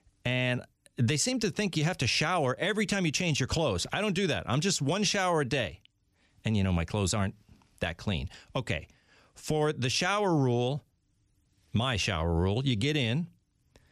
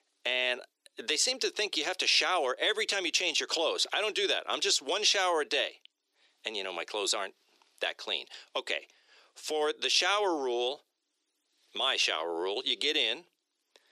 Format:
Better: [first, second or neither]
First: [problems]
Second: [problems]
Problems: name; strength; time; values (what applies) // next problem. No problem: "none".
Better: first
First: none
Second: thin; very; fading below 350 Hz